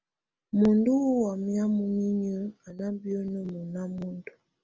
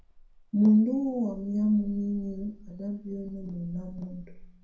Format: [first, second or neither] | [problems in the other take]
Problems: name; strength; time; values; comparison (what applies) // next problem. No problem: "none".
first | background sound (Fire); 19 dB below the speech // room echo; dies away in 0.5 s